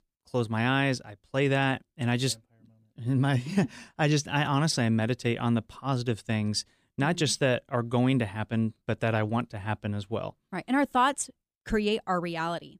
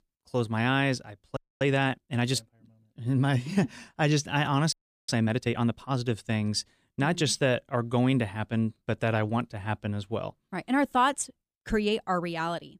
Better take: first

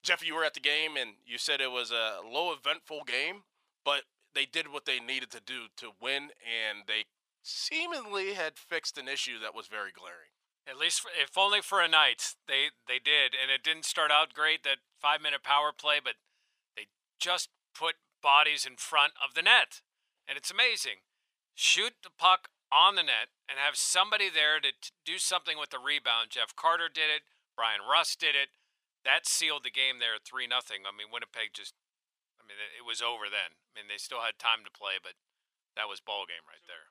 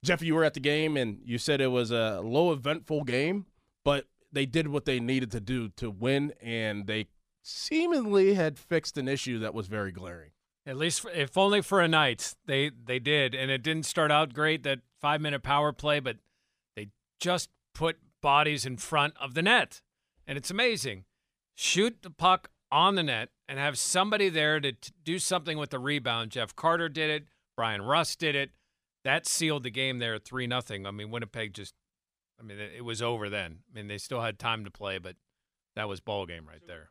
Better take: second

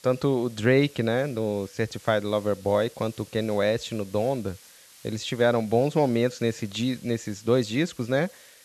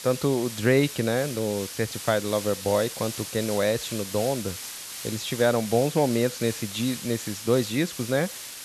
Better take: first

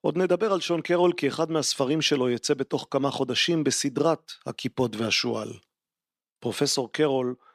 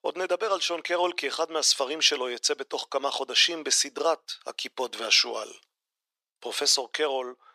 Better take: first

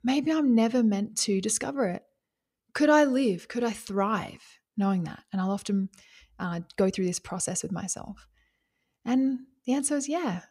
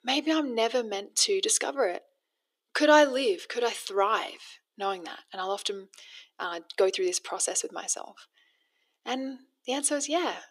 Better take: first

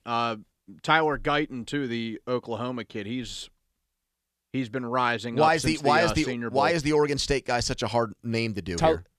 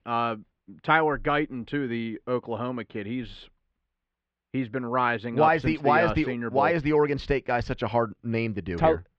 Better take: first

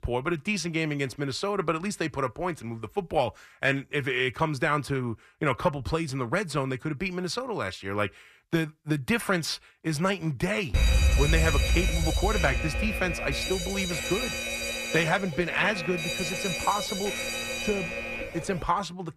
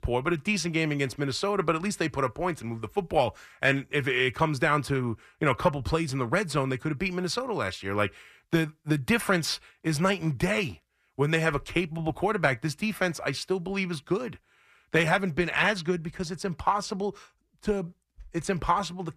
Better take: second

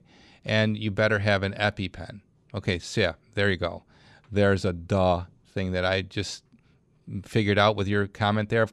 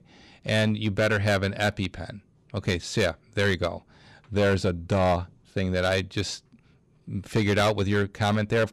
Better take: first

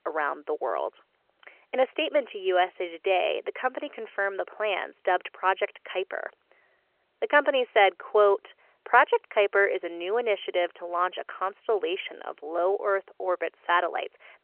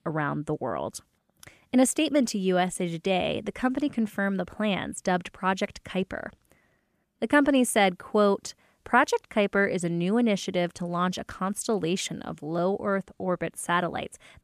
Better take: second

